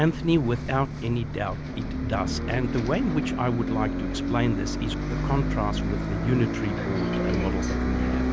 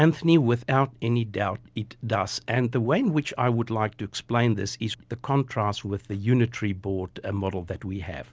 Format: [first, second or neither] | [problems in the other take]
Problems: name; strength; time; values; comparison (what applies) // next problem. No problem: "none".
second | background sound (Bus); as loud as the speech